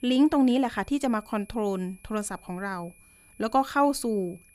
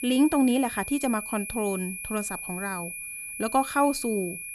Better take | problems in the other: first | high-pitched whine; loud; throughout; 2.5 kHz, 7 dB below the speech; faint in the first

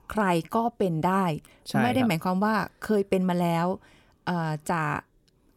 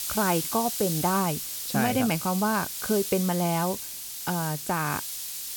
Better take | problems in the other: first | hiss; loud; throughout; 4 dB below the speech

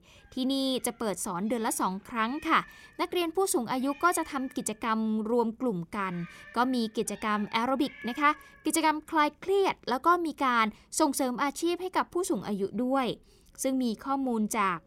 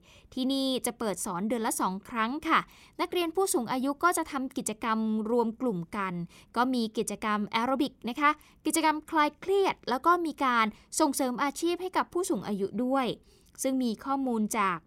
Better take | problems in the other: second | animal sounds; faint; throughout; 20 dB below the speech

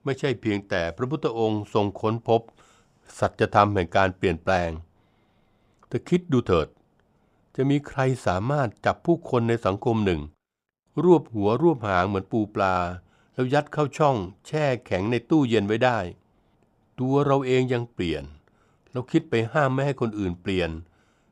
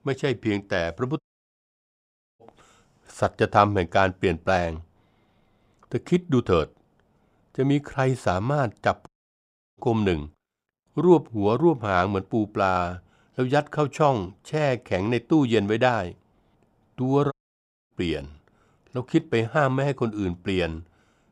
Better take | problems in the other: first | audio cutting out; at 1 s for 1 s, at 9 s for 0.5 s and at 17 s for 0.5 s

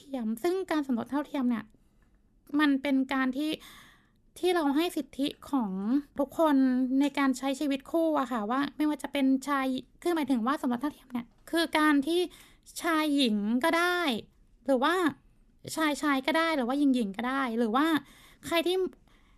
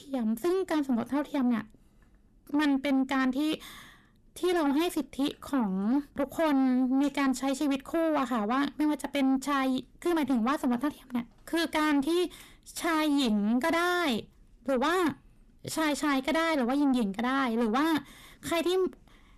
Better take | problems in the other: first | distortion; slight; 10 dB below the speech

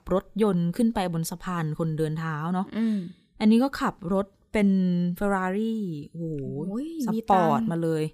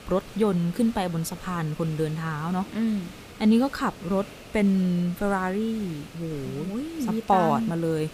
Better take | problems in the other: first | hiss; noticeable; throughout; 15 dB below the speech

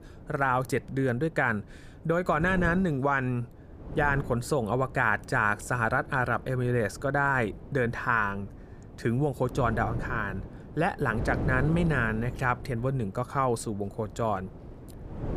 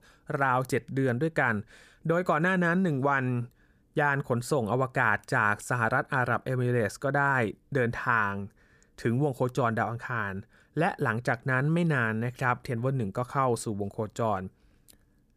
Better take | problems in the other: second | wind noise on the microphone; occasional gusts; 20 dB below the speech

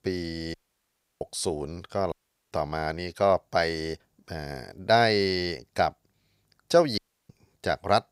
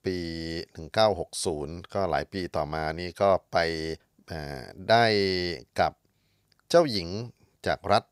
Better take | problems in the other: second | audio cutting out; at 0.5 s for 0.5 s, at 2 s and at 7 s

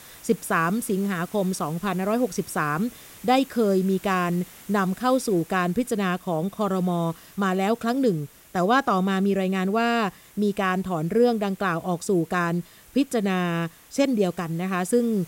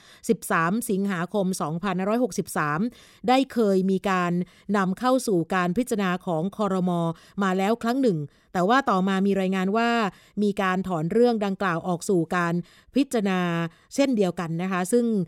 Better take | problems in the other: second | hiss; faint; throughout; 20 dB below the speech

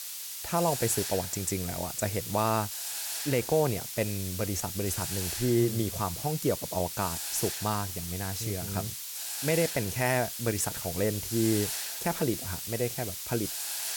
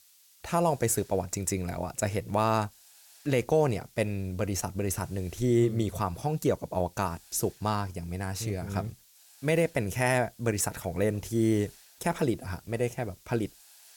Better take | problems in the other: second | hiss; loud; throughout; 3 dB below the speech; faint in the second

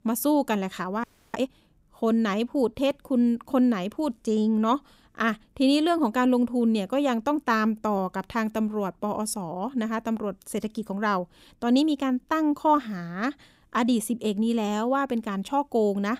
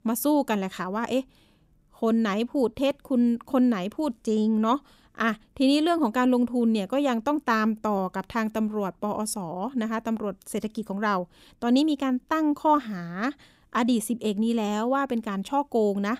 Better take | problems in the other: second | audio freezing; at 1 s

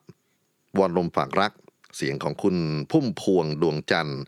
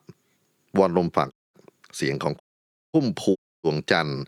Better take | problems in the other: first | audio cutting out; at 1.5 s, at 2.5 s for 0.5 s and at 3.5 s

